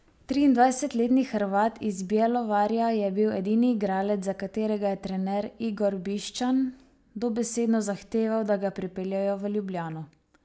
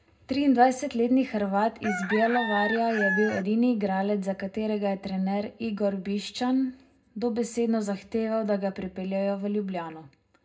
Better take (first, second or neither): first